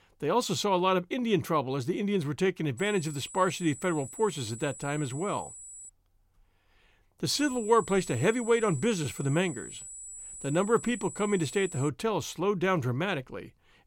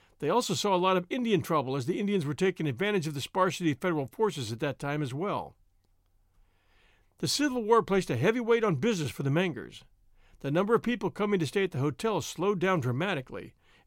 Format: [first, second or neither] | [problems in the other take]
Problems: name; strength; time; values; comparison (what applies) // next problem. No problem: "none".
second | high-pitched whine; noticeable; from 3 to 6 s and from 7.5 to 12 s; 8 kHz, 15 dB below the speech